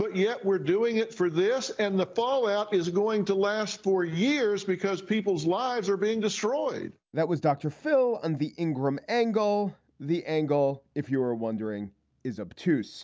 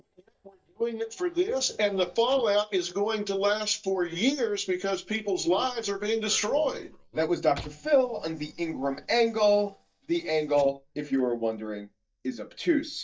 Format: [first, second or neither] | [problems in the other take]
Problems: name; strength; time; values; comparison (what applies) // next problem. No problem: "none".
first | noise reduction (neural mask model DeepFilterNet 3)